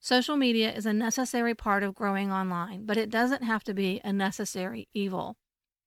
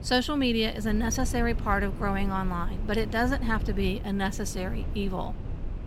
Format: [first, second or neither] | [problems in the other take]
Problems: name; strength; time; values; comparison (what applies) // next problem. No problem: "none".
first | low rumble; noticeable; throughout; 15 dB below the speech